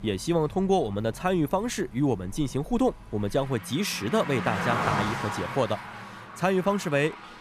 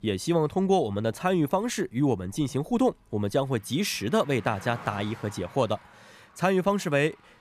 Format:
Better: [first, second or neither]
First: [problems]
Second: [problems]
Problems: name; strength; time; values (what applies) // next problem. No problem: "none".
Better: second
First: traffic noise; loud; throughout; 6 dB below the speech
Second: traffic noise; faint; throughout; 20 dB below the speech